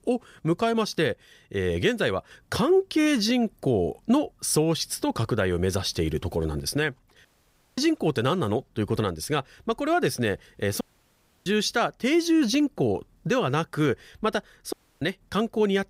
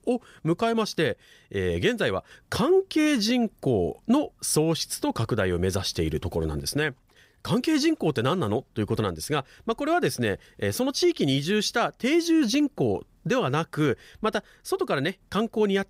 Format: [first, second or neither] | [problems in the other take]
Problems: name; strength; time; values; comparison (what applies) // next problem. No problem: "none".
second | audio cutting out; at 7.5 s for 0.5 s, at 11 s for 0.5 s and at 15 s